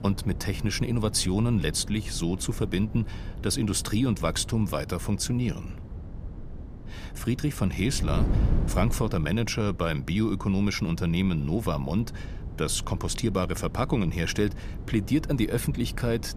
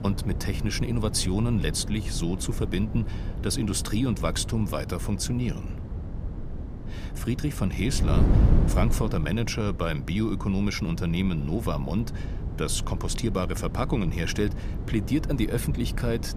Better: first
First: wind noise on the microphone; occasional gusts; 15 dB below the speech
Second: wind noise on the microphone; heavy; 10 dB below the speech

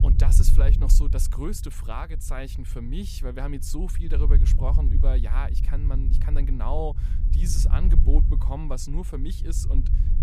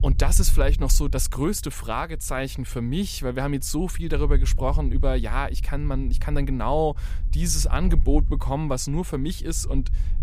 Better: second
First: low rumble; loud; throughout; 7 dB below the speech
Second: low rumble; faint; throughout; 20 dB below the speech

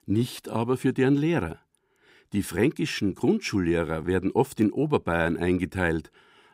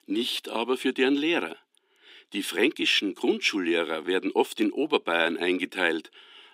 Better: first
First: none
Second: thin; very slightly; fading below 250 Hz

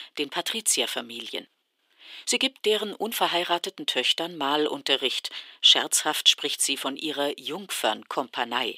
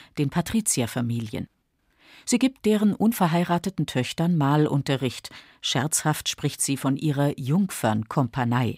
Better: second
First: thin; very; fading below 350 Hz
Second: none

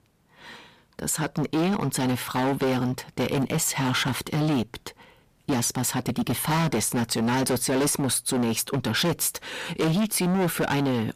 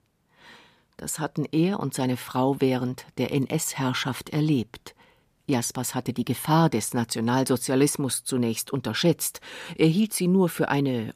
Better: second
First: distortion; heavy; 20% of the sound clipped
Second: none

